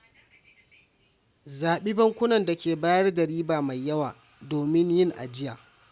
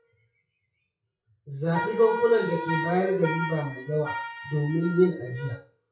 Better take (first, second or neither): first